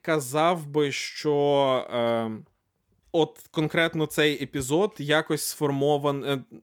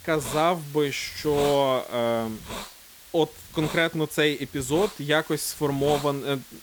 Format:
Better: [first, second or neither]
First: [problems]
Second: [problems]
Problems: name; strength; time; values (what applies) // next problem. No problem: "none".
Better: first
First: none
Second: hiss; noticeable; throughout; 15 dB below the speech